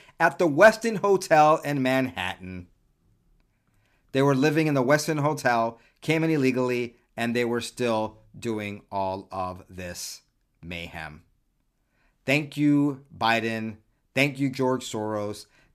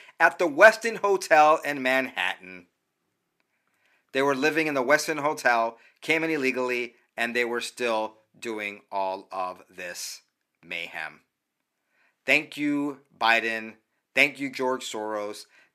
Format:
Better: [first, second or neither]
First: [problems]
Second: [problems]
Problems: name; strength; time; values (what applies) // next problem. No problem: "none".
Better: first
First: none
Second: thin; somewhat; fading below 350 Hz